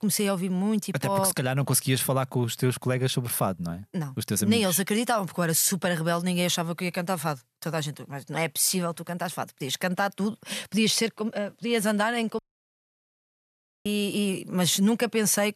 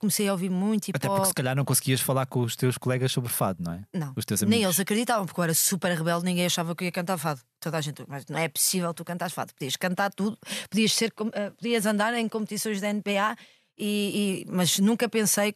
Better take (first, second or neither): second